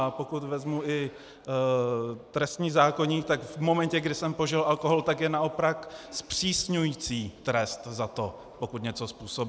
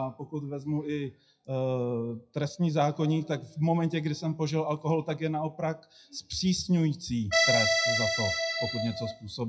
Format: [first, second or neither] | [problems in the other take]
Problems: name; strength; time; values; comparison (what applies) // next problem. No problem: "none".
first | noise reduction (classical method WPE with log-MMSE)